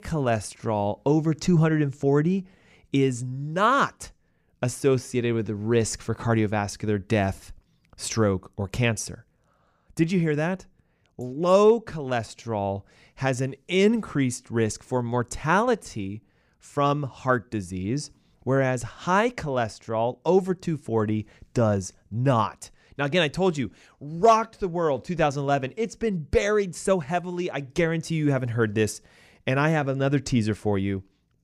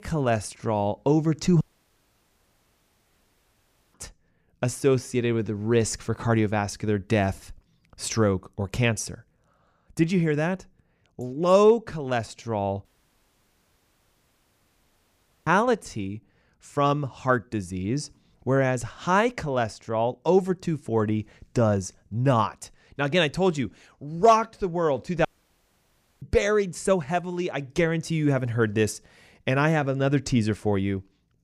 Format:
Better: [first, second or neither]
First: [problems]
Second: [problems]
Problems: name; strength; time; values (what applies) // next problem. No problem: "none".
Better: first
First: none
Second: audio cutting out; at 1.5 s for 2.5 s, at 13 s for 2.5 s and at 25 s for 1 s